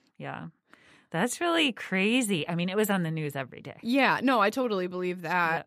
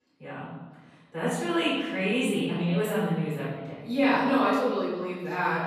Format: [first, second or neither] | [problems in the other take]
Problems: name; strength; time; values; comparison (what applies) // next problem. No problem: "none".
first | off-mic speech; far // room echo; strong; dies away in 1.2 s